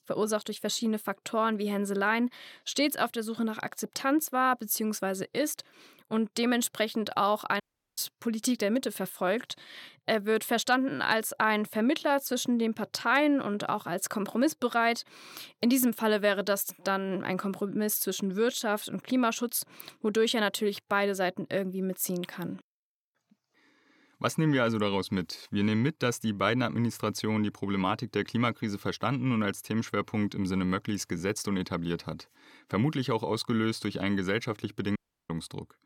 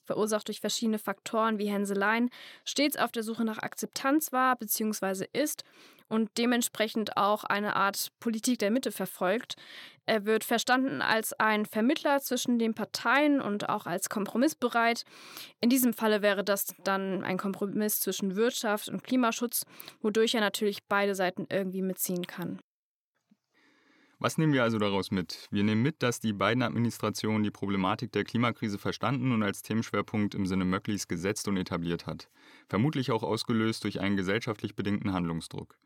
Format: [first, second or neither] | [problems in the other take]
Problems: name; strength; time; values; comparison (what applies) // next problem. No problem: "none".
second | audio cutting out; at 7.5 s and at 35 s